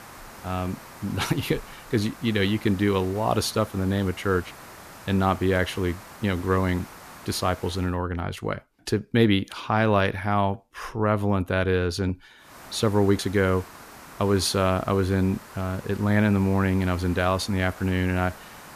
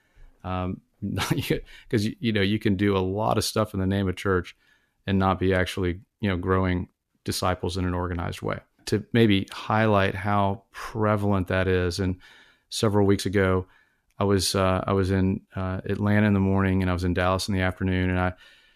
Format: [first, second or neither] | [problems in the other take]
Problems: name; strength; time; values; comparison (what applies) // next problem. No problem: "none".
second | hiss; noticeable; until 8 s and from 12 s on; 20 dB below the speech